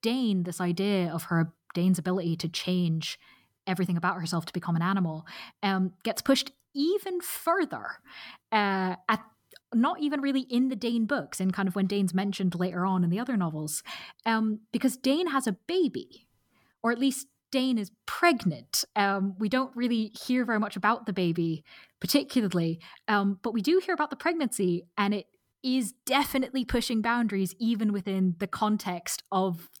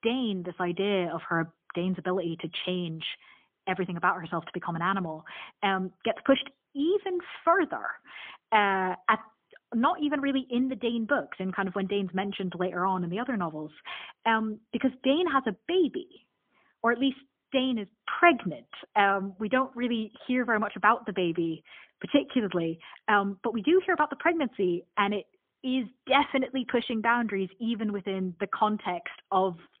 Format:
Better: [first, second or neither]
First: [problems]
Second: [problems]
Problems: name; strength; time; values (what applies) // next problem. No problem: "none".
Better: first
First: none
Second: phone-call audio; poor line; nothing above 3.5 kHz